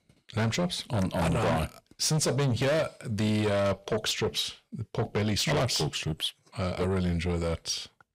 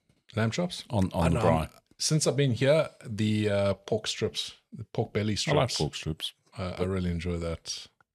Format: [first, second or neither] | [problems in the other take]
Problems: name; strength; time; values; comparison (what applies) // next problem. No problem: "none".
second | distortion; heavy; 7 dB below the speech